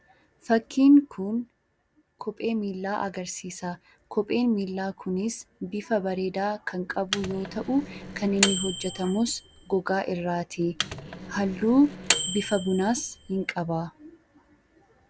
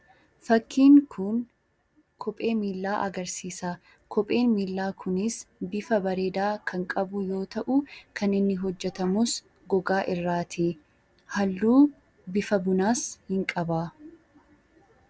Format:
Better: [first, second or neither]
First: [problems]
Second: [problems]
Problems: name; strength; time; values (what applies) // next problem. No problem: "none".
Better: second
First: background sound (Microwave oven); 6 dB below the speech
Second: none